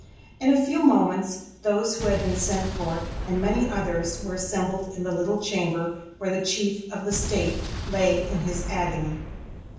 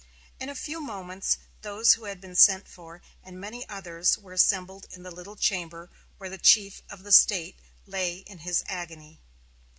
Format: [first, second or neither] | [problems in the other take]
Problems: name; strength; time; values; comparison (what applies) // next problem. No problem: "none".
second | background sound (Explosion); 9 dB below the speech // room echo; dies away in 0.9 s